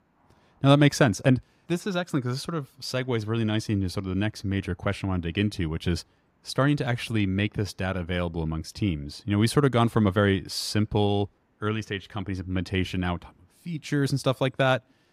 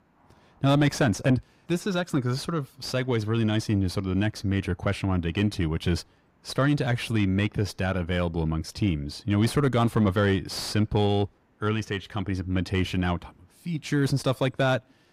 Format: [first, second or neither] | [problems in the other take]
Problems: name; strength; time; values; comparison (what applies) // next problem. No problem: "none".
first | distortion; slight; 10 dB below the speech